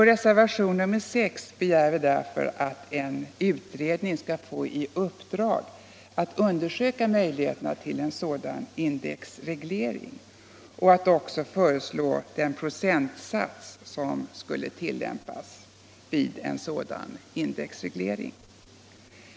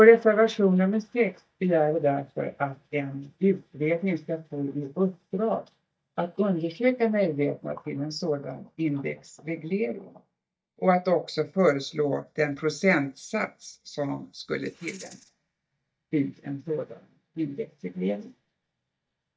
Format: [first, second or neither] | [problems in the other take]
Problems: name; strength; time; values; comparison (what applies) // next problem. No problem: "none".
first | noise reduction (neural mask model DeepFilterNet 3)